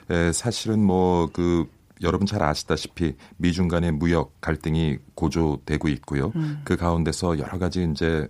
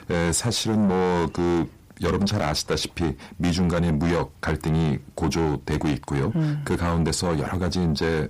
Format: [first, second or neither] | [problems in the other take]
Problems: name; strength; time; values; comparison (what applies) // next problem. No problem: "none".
first | distortion; heavy; 7 dB below the speech